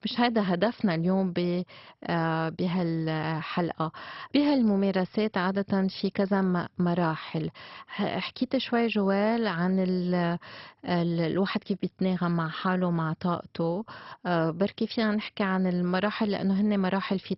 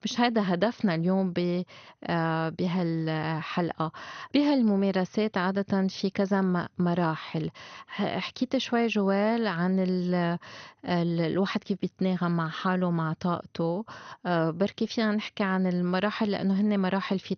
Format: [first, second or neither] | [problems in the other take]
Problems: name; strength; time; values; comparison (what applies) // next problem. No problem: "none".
second | garbled, watery; badly; nothing above 5.5 kHz; slightly in the second